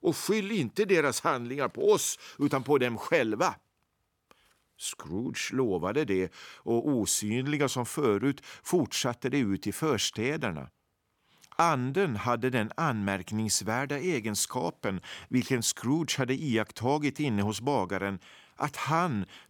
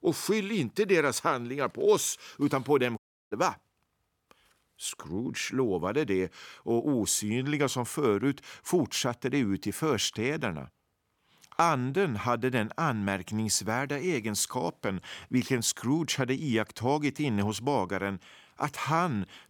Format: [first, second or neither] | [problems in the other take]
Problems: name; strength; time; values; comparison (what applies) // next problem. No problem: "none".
first | audio cutting out; at 3 s